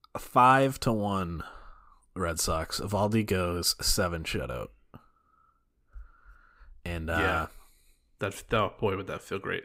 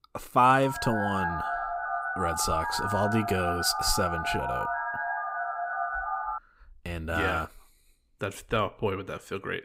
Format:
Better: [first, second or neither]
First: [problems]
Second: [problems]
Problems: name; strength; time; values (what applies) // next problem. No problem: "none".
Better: first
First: none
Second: phone ringing; noticeable; from 0.5 to 6.5 s; peak 2 dB below the speech